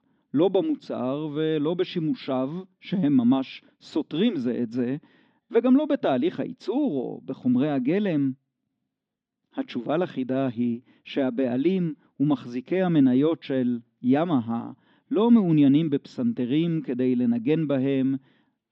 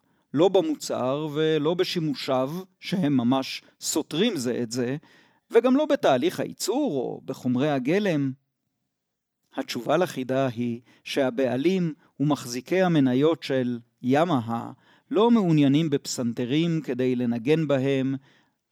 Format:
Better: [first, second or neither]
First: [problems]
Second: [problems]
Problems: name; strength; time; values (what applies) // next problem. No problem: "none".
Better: second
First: muffled; slightly; fading above 3.5 kHz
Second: none